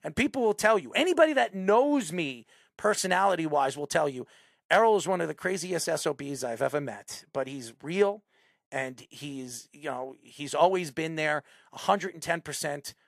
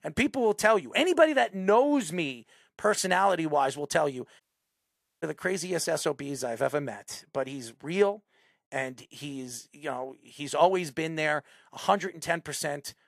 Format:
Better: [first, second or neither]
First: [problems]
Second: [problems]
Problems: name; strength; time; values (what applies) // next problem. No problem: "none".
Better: first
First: none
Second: audio cutting out; at 4.5 s for 1 s